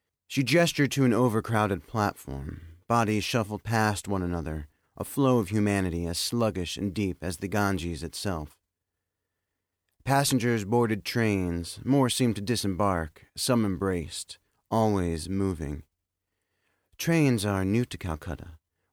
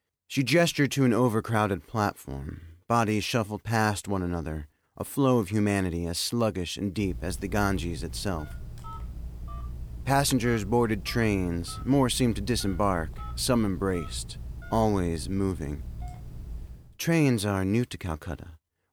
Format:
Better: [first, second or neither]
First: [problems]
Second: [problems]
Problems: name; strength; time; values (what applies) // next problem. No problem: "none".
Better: first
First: none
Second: phone ringing; faint; from 7 to 17 s; peak 10 dB below the speech